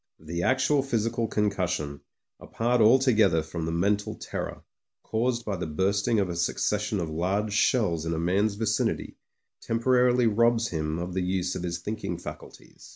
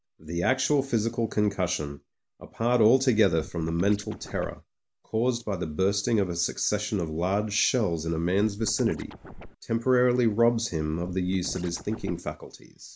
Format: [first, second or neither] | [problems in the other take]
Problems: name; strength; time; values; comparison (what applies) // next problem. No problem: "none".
first | noise reduction (neural mask model Resemble Enhance denoiser)